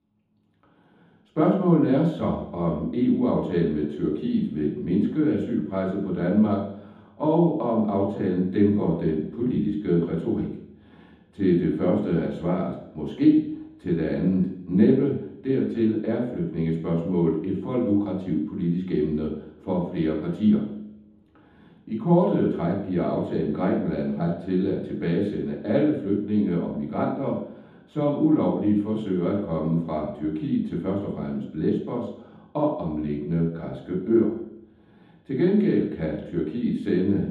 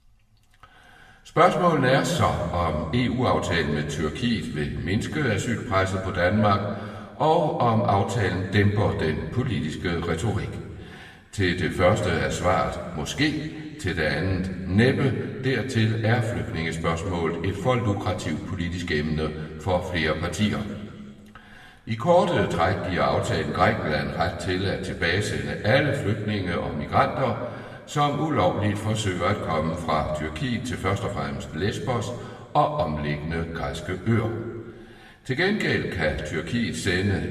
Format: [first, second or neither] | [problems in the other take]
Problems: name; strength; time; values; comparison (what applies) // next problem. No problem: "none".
second | room echo; strong; dies away in 0.9 s; slight in the second // off-mic speech; far; somewhat distant in the second